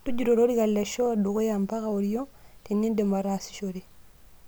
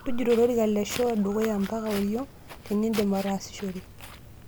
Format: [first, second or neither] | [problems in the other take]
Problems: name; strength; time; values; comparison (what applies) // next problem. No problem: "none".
first | background sound (Walk, footsteps); 15 dB below the speech